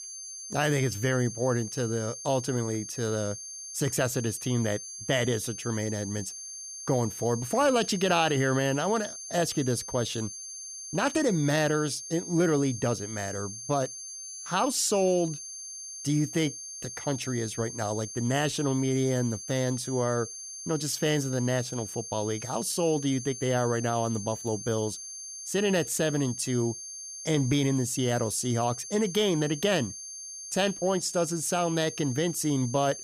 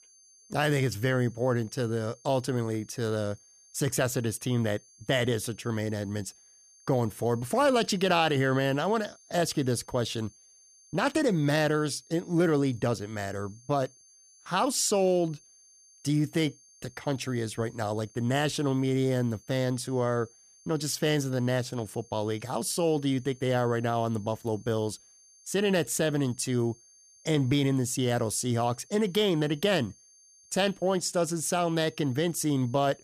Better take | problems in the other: second | high-pitched whine; loud; throughout; 6.5 kHz, 9 dB below the speech; faint in the second

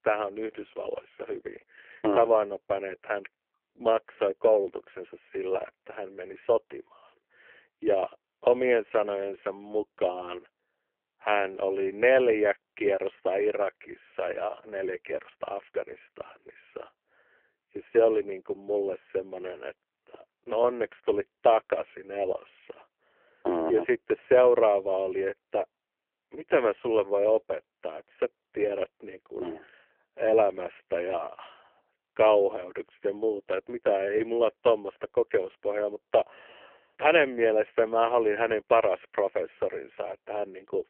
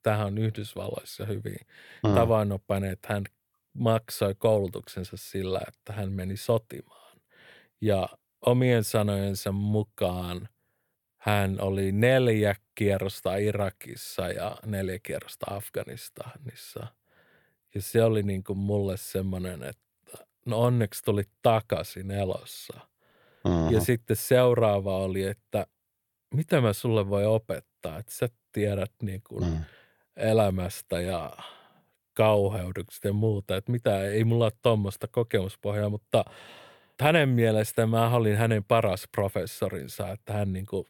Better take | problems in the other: second | phone-call audio; poor line; nothing above 3 kHz

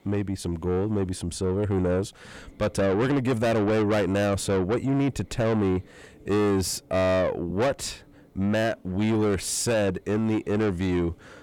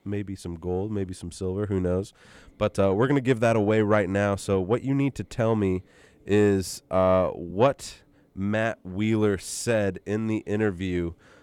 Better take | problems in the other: second | distortion; heavy; 7 dB below the speech

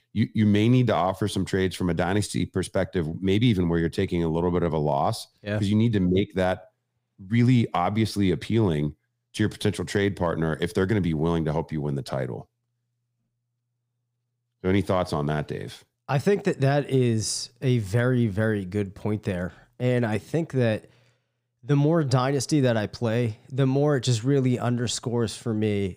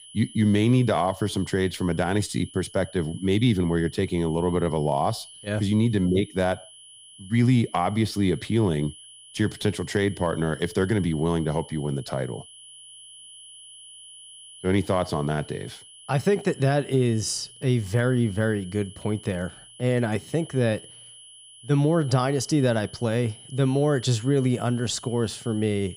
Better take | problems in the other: first | high-pitched whine; noticeable; throughout; 3 kHz, 20 dB below the speech

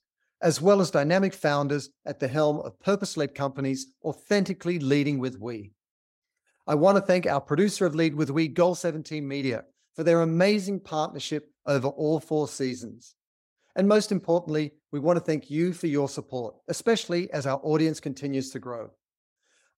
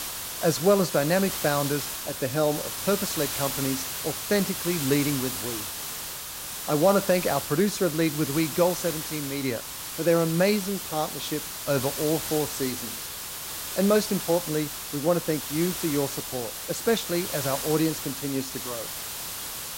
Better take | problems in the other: first | hiss; loud; throughout; 5 dB below the speech

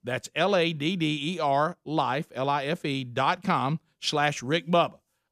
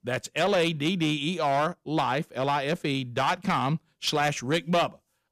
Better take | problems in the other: first | distortion; slight; 6% of the sound clipped

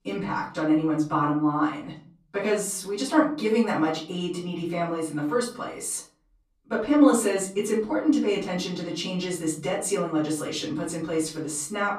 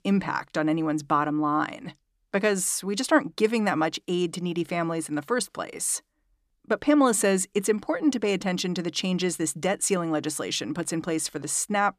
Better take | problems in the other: second | off-mic speech; far // room echo; slight; dies away in 0.4 s

